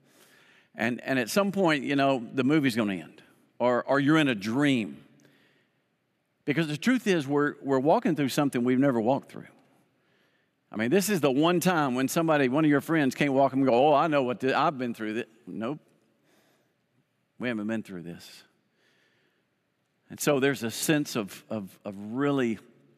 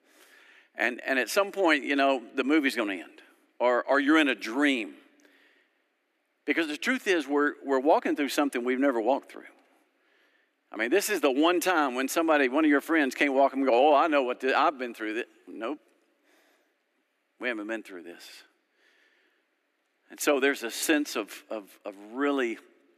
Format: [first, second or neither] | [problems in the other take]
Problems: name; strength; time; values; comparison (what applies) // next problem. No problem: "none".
first | thin; very slightly; fading below 300 Hz